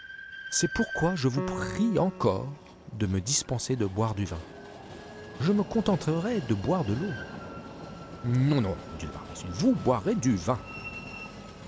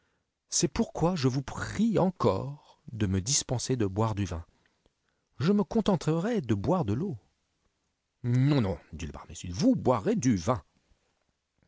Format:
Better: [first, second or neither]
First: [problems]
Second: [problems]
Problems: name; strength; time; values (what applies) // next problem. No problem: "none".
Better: second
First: background sound (Train + Piano); 12 dB below the speech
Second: none